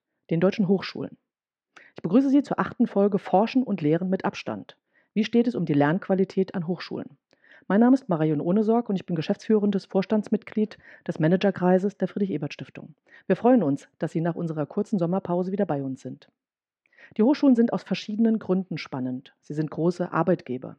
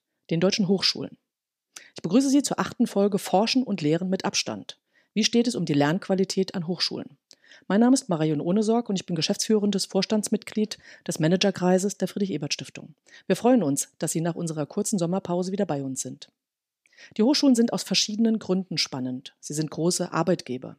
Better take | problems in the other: second | muffled; very; fading above 1.5 kHz

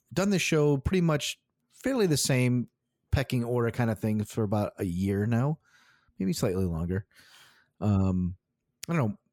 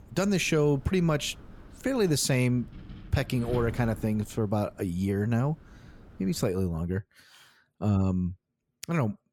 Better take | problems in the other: first | wind noise on the microphone; occasional gusts; until 6.5 s; 20 dB below the speech

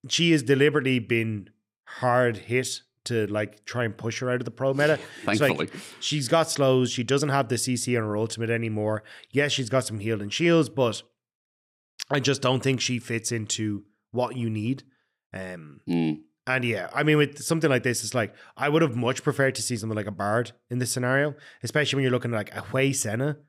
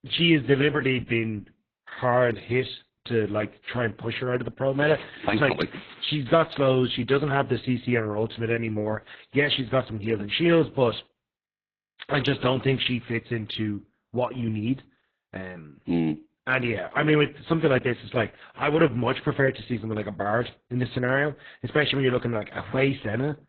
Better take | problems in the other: first | garbled, watery; badly

